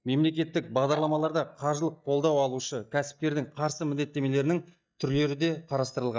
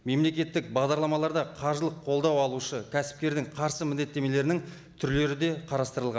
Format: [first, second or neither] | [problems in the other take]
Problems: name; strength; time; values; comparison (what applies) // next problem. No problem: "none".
second | noise reduction (neural mask model DeepFilterNet 3)